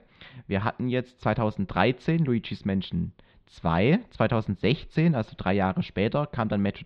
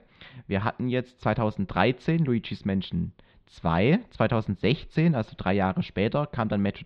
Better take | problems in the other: neither | muffled; slightly; fading above 4 kHz; the same in both

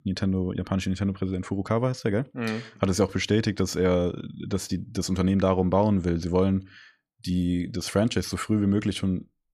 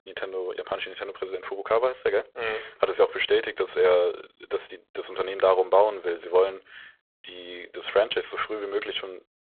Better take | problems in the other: first | phone-call audio; poor line

